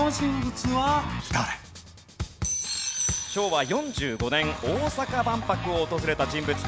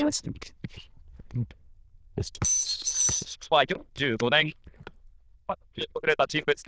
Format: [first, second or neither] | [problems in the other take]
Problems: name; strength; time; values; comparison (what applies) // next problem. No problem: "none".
first | noise reduction (neural diffusion model UNIVERSE++)